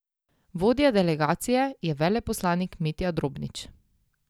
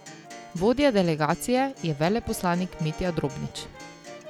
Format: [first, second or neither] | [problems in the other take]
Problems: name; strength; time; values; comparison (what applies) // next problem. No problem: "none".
first | background sound (Acoustic guitar + Brass instrument); 17 dB below the speech